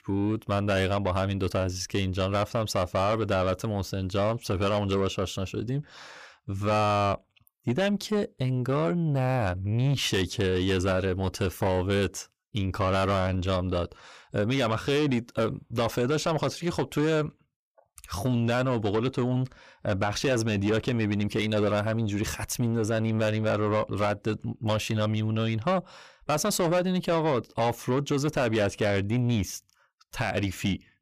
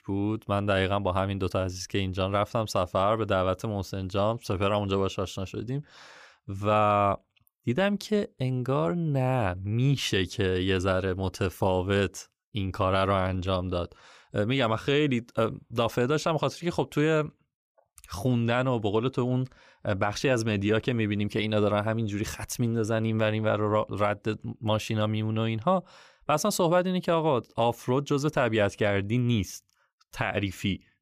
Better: second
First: distortion; slight; 10 dB below the speech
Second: none

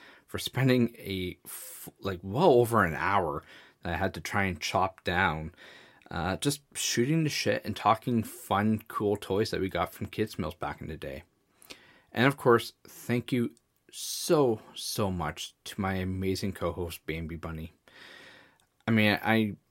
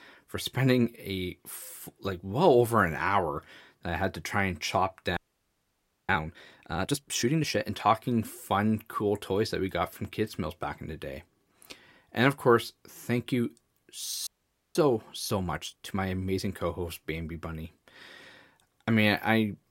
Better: first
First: none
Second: audio freezing; at 5 s for 1 s and at 14 s

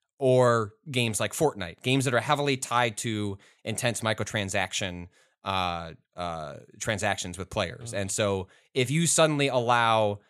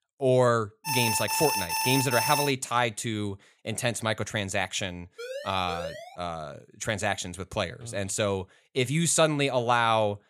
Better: first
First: none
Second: alarm; loud; from 1 to 2.5 s; peak 1 dB above the speech // siren; faint; at 5 s; peak 10 dB below the speech

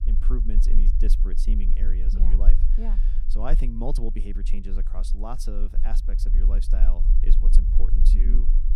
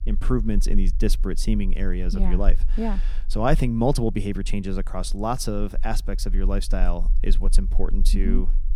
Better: second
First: low rumble; loud; throughout; 8 dB below the speech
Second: low rumble; faint; throughout; 25 dB below the speech

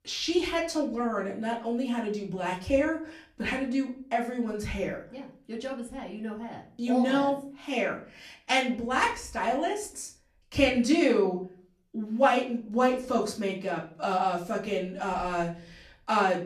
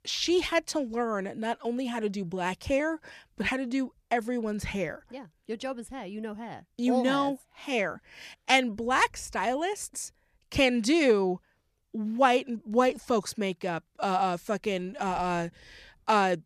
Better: second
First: off-mic speech; far // room echo; slight; dies away in 0.3 s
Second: none

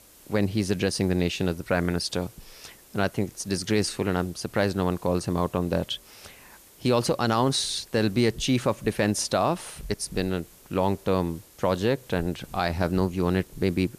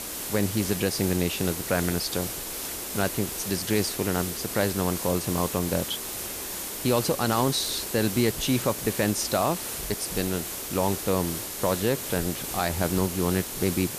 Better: first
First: hiss; faint; throughout; 25 dB below the speech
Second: hiss; loud; throughout; 4 dB below the speech

